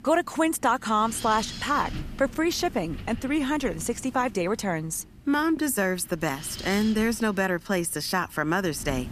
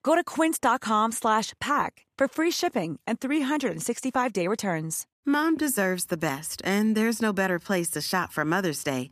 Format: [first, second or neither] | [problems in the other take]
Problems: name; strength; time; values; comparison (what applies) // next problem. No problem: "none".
second | wind noise on the microphone; occasional gusts; 15 dB below the speech